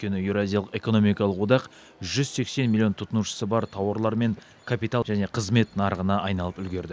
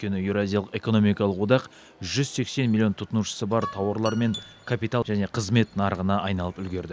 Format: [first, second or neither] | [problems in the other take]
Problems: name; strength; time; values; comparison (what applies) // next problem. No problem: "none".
first | background sound (Guitar); 15 dB below the speech